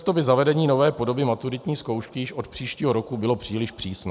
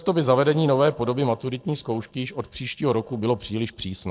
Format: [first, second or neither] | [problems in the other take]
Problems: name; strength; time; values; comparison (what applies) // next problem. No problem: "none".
first | noise reduction (neural separator model SepFormer DNS4)